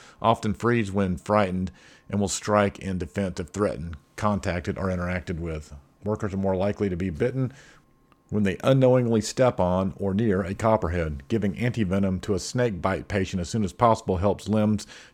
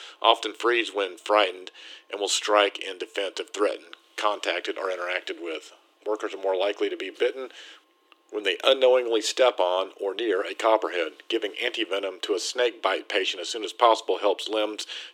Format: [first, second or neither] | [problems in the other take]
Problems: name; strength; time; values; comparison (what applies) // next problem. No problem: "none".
first | thin; very; fading below 300 Hz